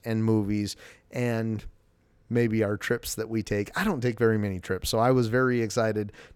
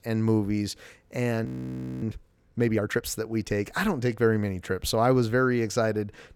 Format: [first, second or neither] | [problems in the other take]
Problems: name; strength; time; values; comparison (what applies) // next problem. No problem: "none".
first | audio freezing; at 1.5 s for 0.5 s